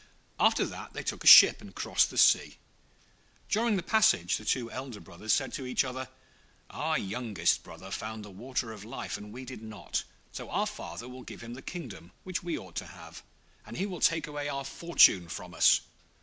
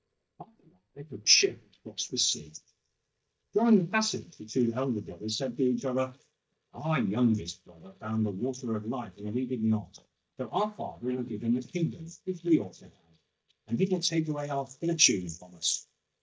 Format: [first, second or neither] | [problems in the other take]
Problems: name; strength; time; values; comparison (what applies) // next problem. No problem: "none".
first | noise reduction (neural mask model DeepFilterNet 3)